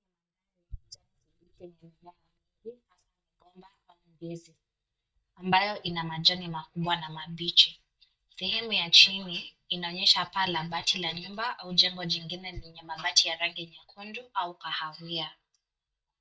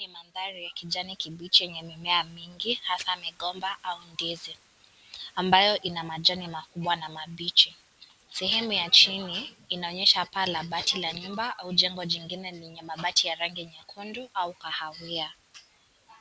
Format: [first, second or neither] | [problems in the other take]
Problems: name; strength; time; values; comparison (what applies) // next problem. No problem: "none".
second | noise reduction (neural mask model DeepFilterNet 3)